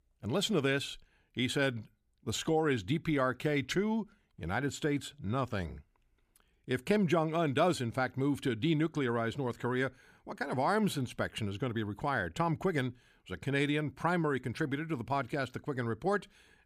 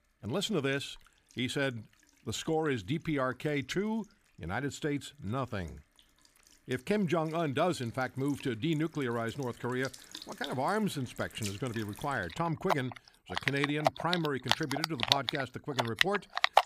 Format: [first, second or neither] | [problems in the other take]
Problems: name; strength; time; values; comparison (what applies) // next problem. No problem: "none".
first | household noises; very loud; throughout; as loud as the speech